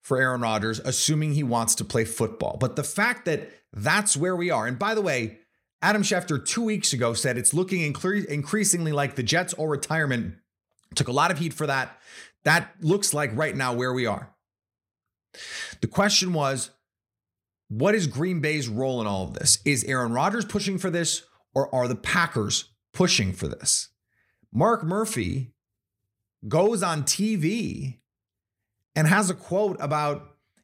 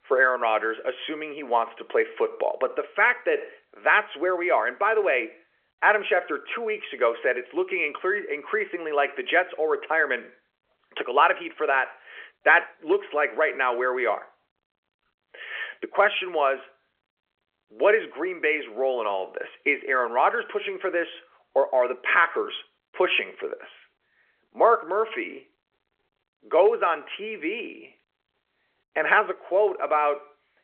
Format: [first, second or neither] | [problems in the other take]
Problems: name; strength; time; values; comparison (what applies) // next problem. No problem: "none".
first | phone-call audio; nothing above 3.5 kHz